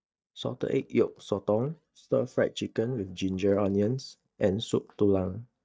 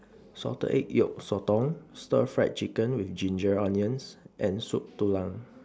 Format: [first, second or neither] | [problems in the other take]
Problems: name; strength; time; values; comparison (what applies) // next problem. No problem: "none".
second | noise reduction (neural mask model DeepFilterNet 3)